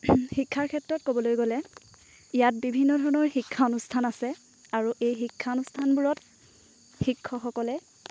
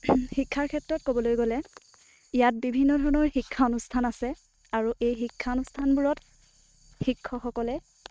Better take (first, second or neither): first